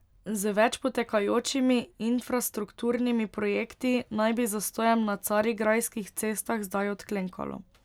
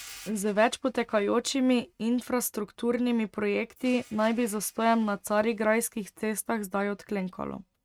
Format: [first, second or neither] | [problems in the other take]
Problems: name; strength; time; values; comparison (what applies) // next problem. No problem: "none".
first | noise reduction (neural mask model RNNoise)